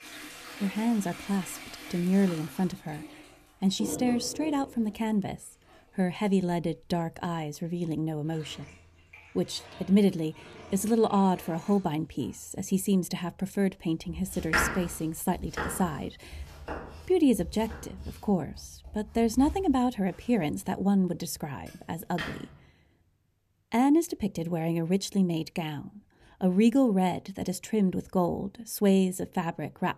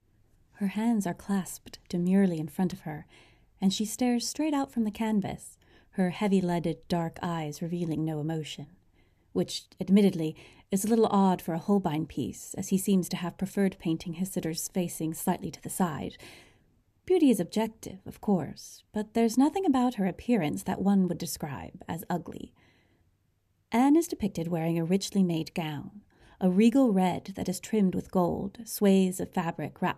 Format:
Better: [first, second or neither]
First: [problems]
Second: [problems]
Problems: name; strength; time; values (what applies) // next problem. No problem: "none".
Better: second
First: household noises; noticeable; until 22 s; 10 dB below the speech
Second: none